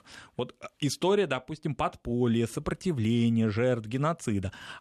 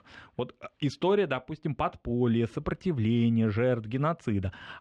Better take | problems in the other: first | muffled; slightly; fading above 3 kHz

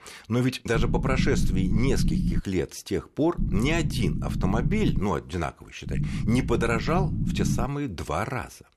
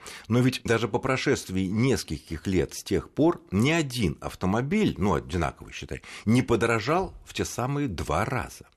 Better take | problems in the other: second | low rumble; loud; from 1 to 2.5 s, from 3.5 to 5 s and from 6 to 7.5 s; 9 dB below the speech

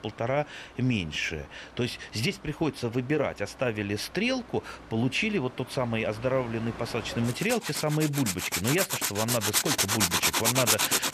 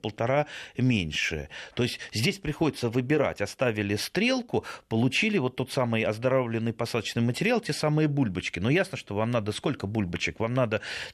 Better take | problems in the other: second | machinery noise; very loud; throughout; 3 dB above the speech

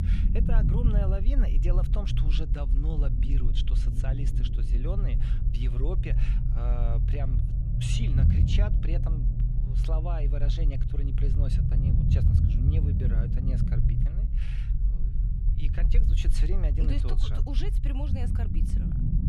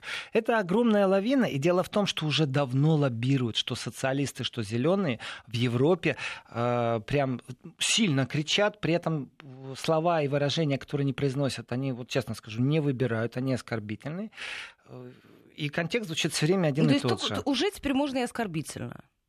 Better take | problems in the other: second | low rumble; loud; throughout; 1 dB below the speech

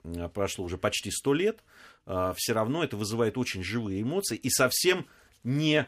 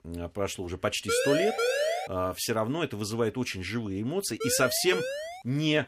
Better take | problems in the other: first | siren; loud; at 1 s; peak 3 dB above the speech // siren; noticeable; from 4.5 s on; peak 4 dB below the speech

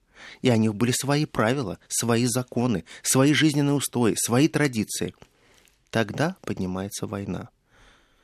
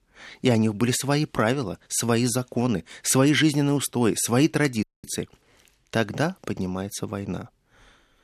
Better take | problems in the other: first | audio freezing; at 5 s

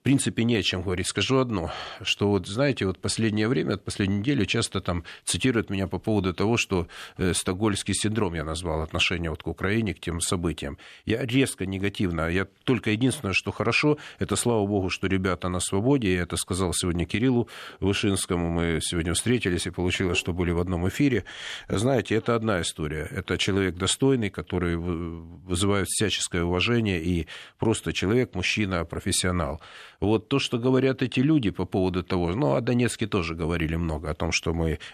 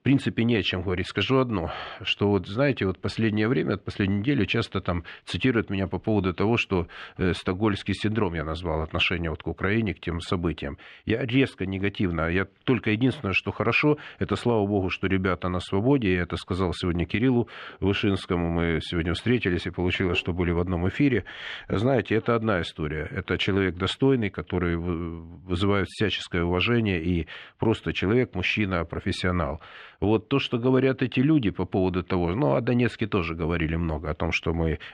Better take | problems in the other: first | muffled; slightly; fading above 2.5 kHz

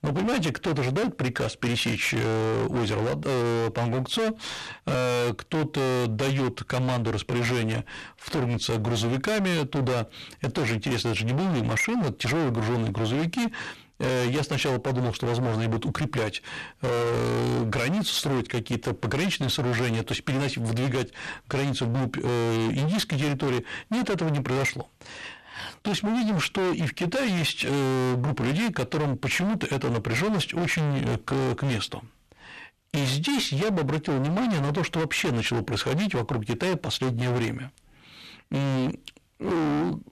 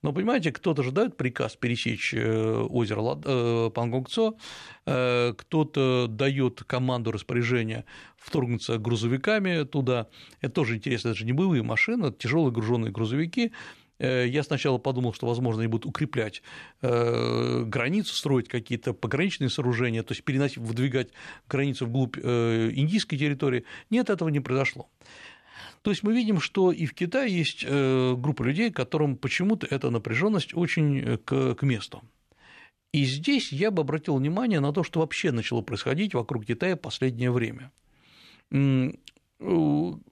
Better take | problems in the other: second | distortion; heavy; 35% of the sound clipped

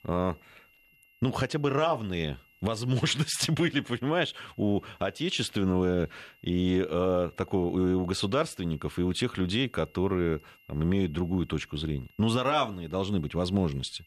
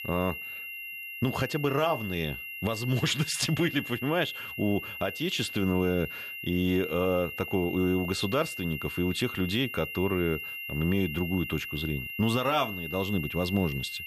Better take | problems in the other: first | high-pitched whine; loud; throughout; 3 kHz, 7 dB below the speech; faint in the first

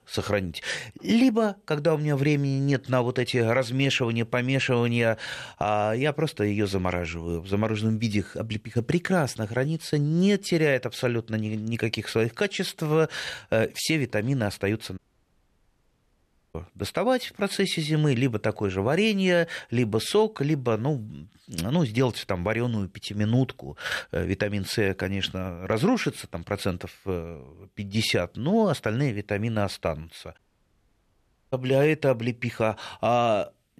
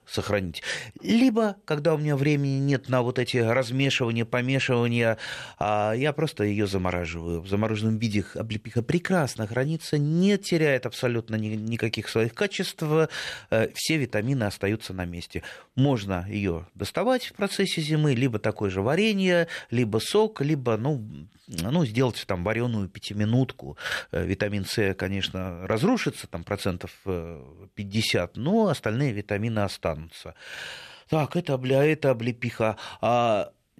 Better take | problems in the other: second | audio cutting out; at 15 s for 1.5 s and at 30 s for 1 s

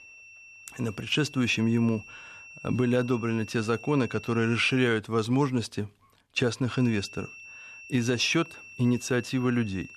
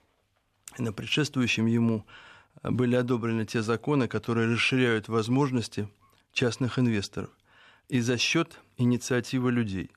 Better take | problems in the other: second | high-pitched whine; noticeable; until 5 s and from 6.5 s on; 2.5 kHz, 15 dB below the speech

